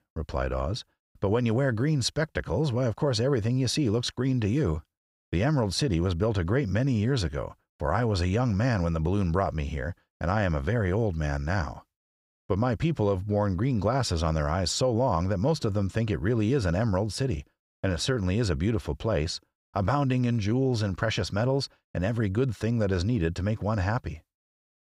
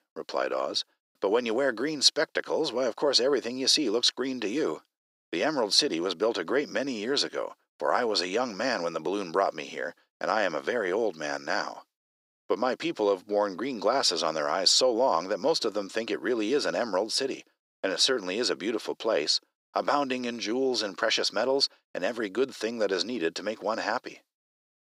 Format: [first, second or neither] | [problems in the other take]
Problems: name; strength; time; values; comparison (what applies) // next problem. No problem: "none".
first | thin; somewhat; fading below 300 Hz